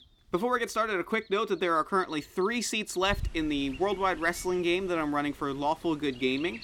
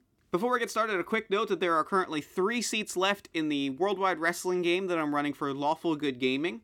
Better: second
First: animal sounds; noticeable; throughout; 15 dB below the speech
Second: none

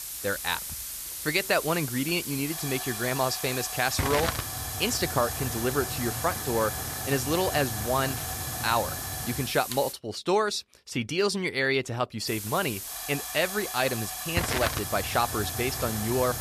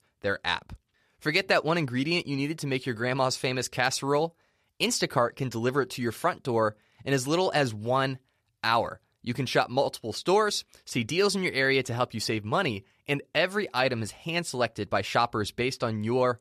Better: second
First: hiss; loud; until 10 s and from 12 s on; 3 dB below the speech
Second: none

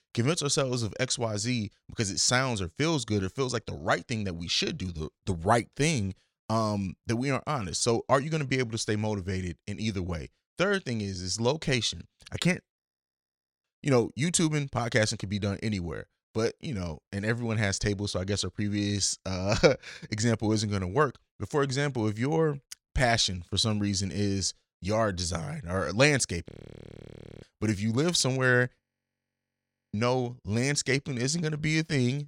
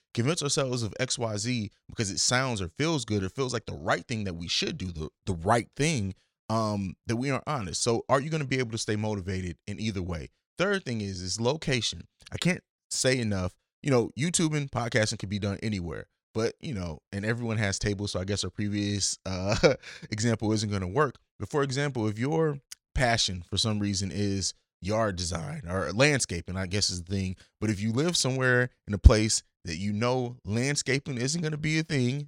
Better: second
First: audio freezing; at 13 s for 1 s, at 26 s for 1 s and at 29 s for 1 s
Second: none

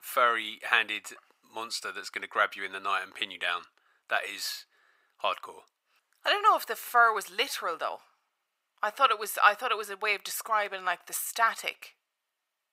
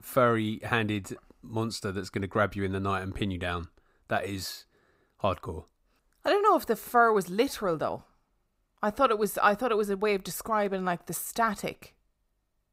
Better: second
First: thin; very; fading below 850 Hz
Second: none

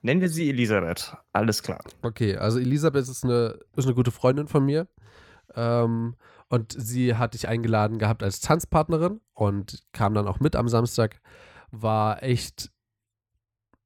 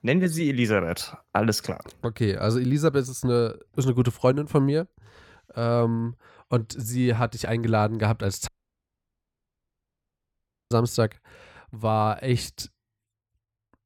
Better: first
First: none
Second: audio cutting out; at 8.5 s for 2 s

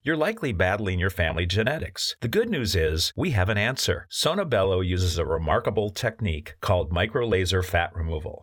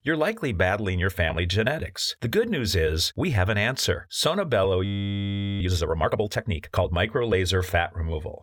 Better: first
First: none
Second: audio freezing; at 5 s for 1 s

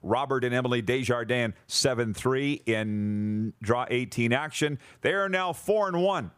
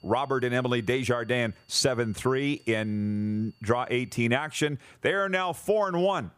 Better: first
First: none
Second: high-pitched whine; faint; until 4 s; 4.5 kHz, 35 dB below the speech

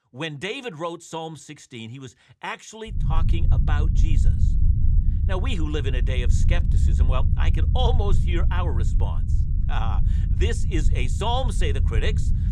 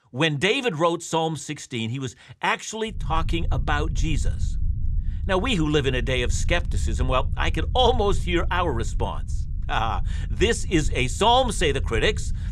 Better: second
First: low rumble; loud; from 3 s on; 8 dB below the speech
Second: low rumble; faint; from 3 s on; 25 dB below the speech

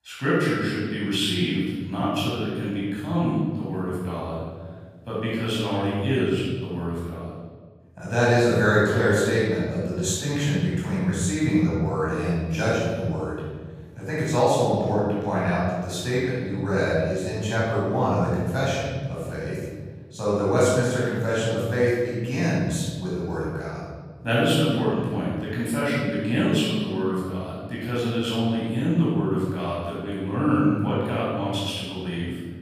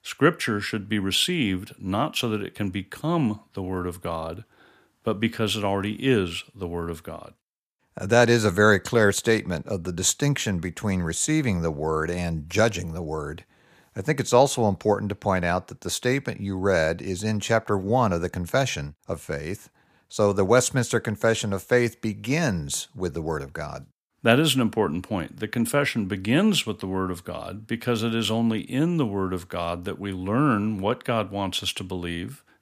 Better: second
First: off-mic speech; far // room echo; strong; dies away in 1.7 s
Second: none

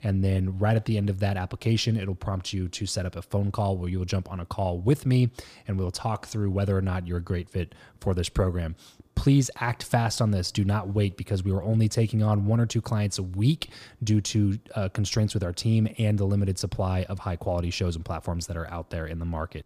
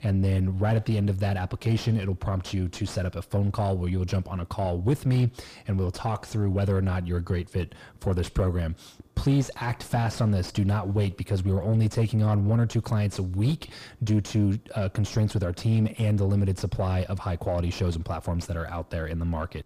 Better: first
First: none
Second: distortion; slight; 10 dB below the speech

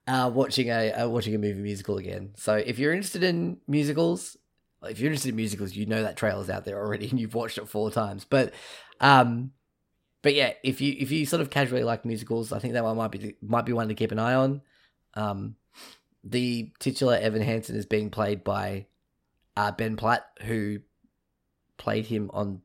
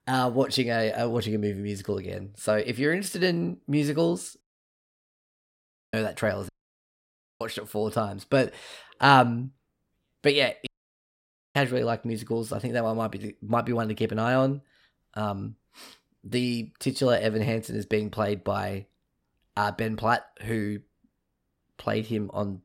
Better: first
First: none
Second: audio cutting out; at 4.5 s for 1.5 s, at 6.5 s for 1 s and at 11 s for 1 s

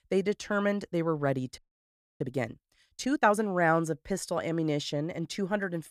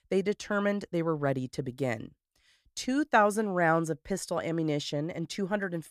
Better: second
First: audio freezing; at 1.5 s for 0.5 s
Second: none

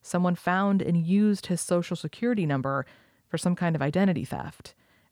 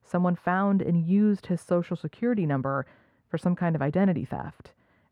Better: first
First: none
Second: muffled; very; fading above 3 kHz

